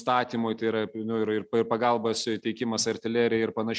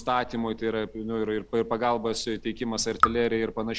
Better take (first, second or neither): first